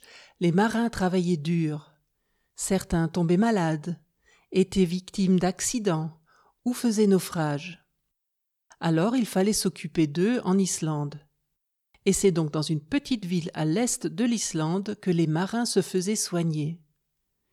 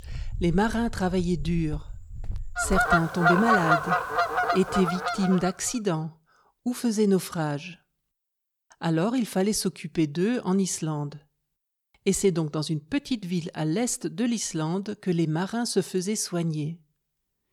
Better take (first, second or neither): first